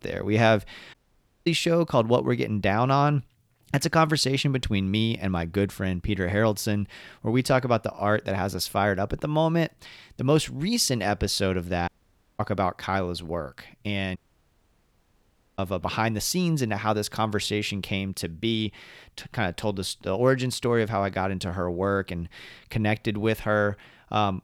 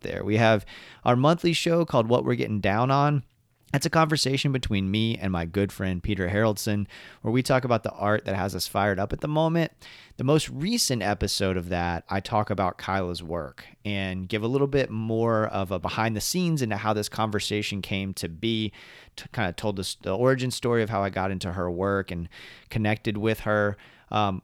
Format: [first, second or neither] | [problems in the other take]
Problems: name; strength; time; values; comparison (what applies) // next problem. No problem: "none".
second | audio cutting out; at 1 s for 0.5 s, at 12 s for 0.5 s and at 14 s for 1.5 s